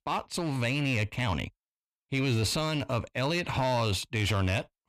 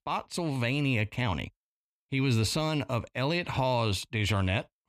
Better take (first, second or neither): second